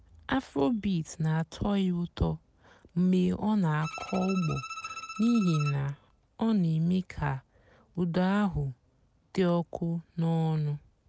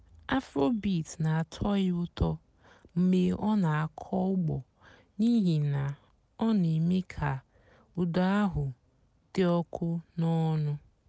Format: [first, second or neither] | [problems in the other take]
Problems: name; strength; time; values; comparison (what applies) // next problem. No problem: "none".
second | background sound (Bowed string instrument); 12 dB below the speech